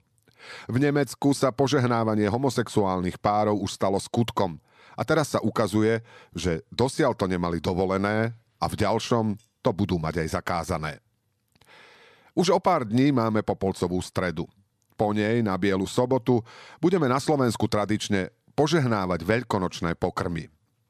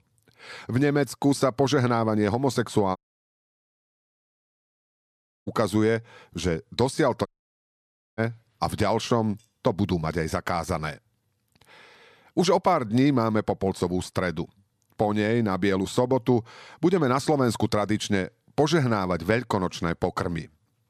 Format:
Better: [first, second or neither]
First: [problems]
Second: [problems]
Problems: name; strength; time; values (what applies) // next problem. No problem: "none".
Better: first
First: none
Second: audio cutting out; at 3 s for 2.5 s and at 7.5 s for 1 s